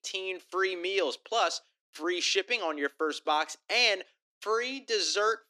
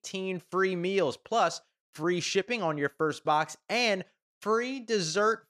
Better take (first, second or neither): second